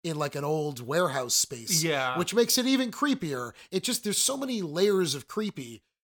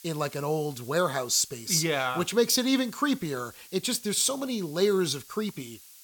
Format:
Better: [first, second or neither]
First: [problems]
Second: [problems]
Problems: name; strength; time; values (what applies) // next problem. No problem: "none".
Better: first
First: none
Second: hiss; faint; throughout; 20 dB below the speech